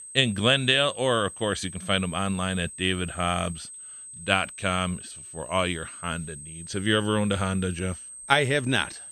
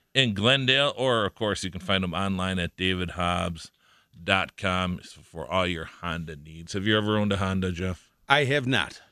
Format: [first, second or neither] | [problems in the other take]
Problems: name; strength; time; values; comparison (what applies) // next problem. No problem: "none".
second | high-pitched whine; noticeable; throughout; 8 kHz, 15 dB below the speech